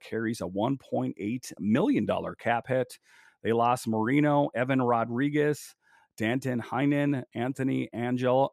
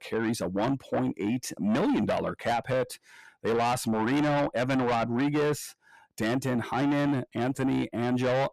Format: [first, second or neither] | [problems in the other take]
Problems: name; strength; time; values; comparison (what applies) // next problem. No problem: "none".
first | distortion; heavy; 7 dB below the speech